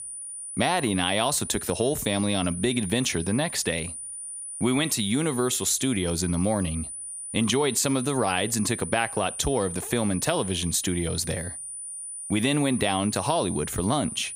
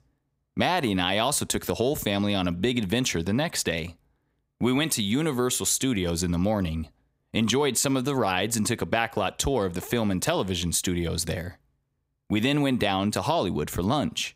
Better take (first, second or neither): second